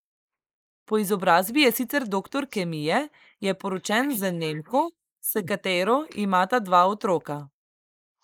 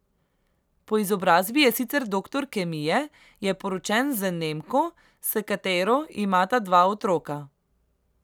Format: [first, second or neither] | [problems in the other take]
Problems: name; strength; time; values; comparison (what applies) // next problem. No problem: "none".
second | noise reduction (neural mask model Resemble Enhance denoiser)